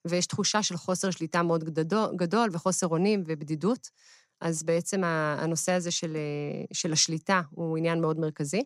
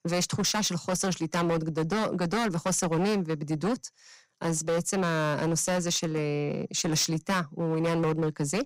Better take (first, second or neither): first